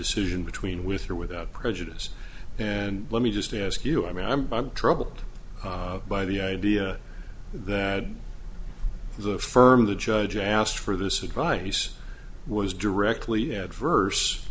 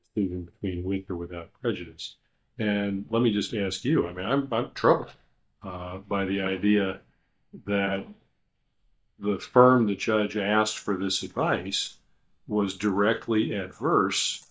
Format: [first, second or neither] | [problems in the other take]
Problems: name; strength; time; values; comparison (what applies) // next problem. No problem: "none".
first | noise reduction (neural mask model DeepFilterNet 3)